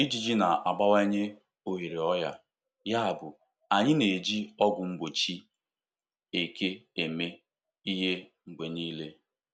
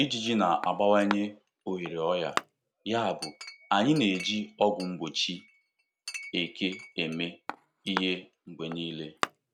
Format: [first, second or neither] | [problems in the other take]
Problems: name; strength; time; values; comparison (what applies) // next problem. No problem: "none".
first | background sound (Chink, clink); 12 dB below the speech